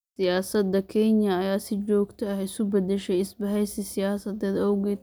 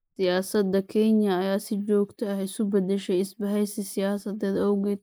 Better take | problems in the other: first | noise reduction (neural mask model Resemble Enhance denoiser)

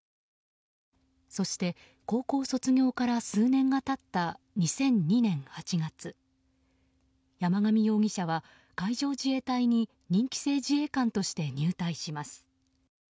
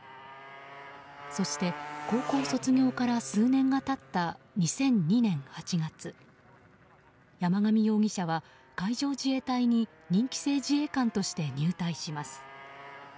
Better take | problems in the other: first | background sound (Motorcycle); 16 dB below the speech

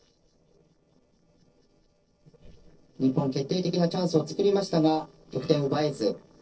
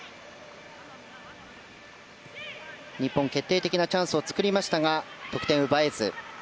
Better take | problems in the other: second | noise reduction (neural separator model SepFormer DNS4)

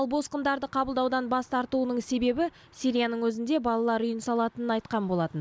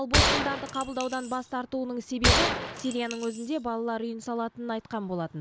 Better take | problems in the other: first | background sound (Gunshot, gunfire); 3 dB above the speech

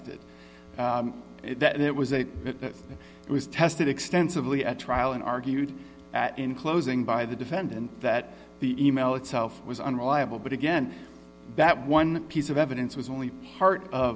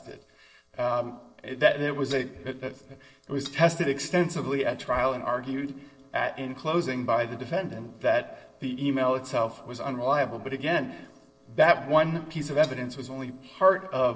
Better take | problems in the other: first | noise reduction (neural separator model SepFormer DNS4)

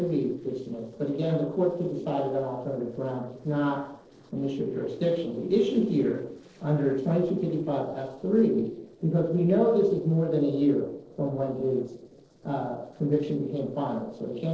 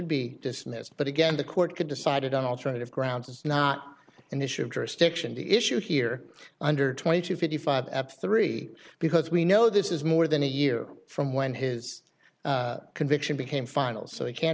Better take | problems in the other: second | noise reduction (neural separator model SepFormer DNS4)

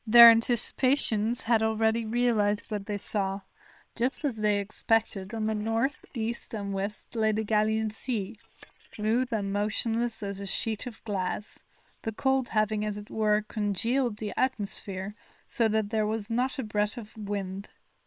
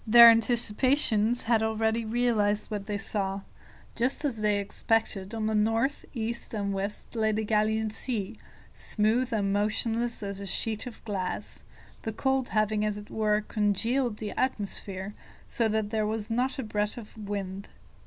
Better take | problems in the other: second | noise reduction (neural separator model SepFormer WHAM!)

